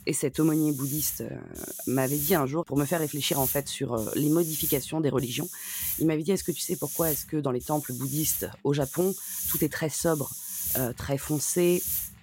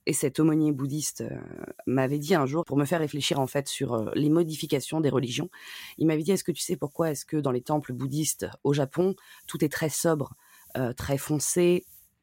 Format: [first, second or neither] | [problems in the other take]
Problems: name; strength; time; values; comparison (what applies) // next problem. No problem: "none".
second | hiss; loud; throughout; 4 dB below the speech; faint in the second